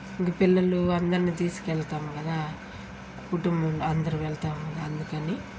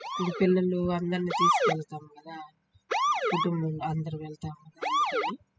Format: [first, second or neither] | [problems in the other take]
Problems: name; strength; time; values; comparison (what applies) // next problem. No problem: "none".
first | noise reduction (classical method spectral subtraction)